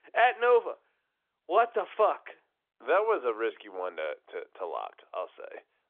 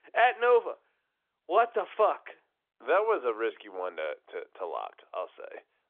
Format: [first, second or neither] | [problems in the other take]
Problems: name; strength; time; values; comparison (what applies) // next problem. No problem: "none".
neither | phone-call audio; nothing above 3.5 kHz; the same in both